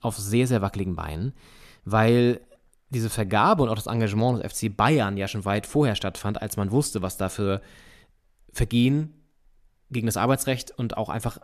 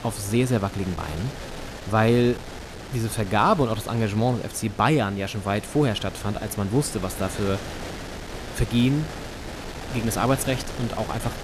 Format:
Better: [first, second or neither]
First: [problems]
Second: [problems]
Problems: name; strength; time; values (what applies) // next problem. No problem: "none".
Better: first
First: none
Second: wind noise on the microphone; occasional gusts; 10 dB below the speech